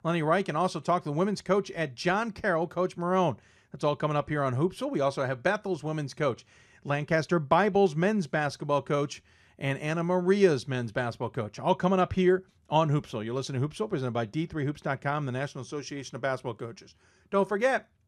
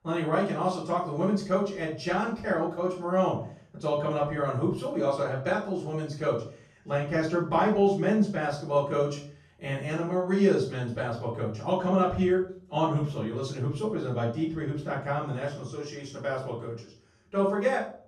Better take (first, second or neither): first